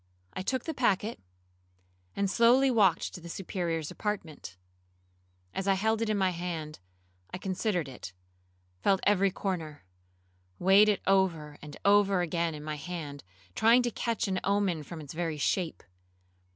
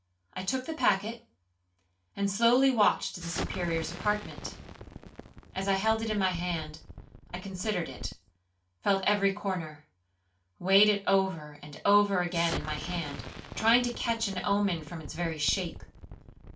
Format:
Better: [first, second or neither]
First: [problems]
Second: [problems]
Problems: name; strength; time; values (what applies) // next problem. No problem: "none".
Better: first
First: none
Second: background sound (Explosion); 13 dB below the speech // room echo; dies away in 0.3 s